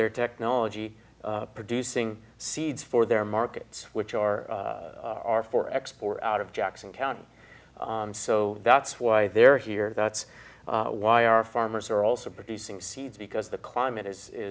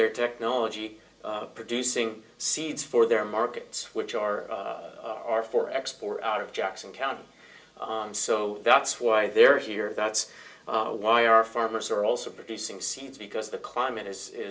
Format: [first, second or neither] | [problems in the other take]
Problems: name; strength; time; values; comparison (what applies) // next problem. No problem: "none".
first | room echo; dies away in 0.2 s